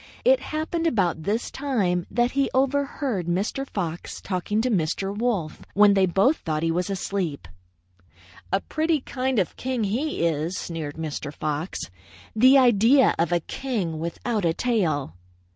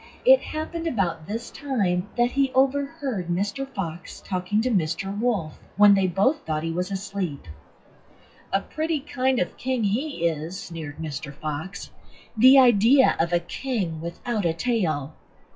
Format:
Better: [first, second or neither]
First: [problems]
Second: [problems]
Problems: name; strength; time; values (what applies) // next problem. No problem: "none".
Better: first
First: none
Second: noise reduction (classical method WPE with log-MMSE)